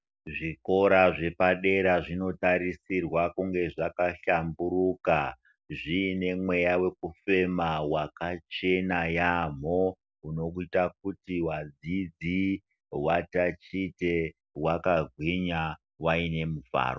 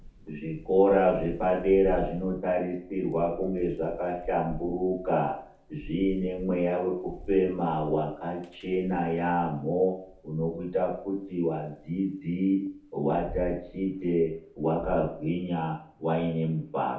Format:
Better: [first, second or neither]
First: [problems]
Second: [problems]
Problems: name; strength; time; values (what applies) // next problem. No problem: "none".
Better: first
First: none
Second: background sound (Thunder / Rain); 17 dB below the speech // room echo; dies away in 0.5 s